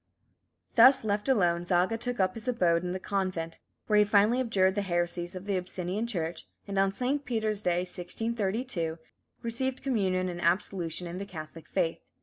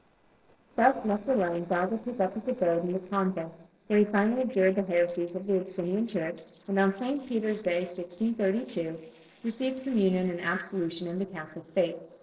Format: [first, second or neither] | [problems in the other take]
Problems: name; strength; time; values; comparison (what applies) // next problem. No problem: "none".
first | noise reduction (neural separator model SepFormer DNS4)